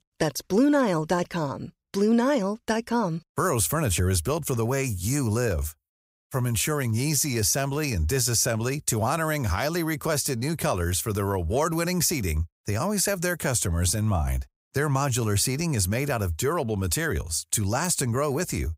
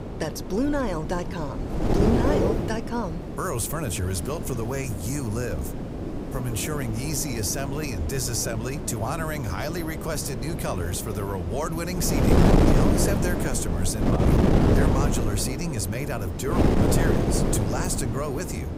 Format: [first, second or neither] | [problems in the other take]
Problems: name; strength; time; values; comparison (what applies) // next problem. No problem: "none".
first | wind noise on the microphone; heavy; as loud as the speech